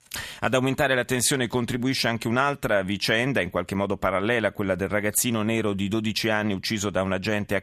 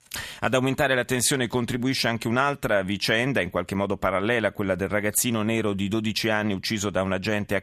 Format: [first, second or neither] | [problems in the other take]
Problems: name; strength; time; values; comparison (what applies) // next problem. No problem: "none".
neither | none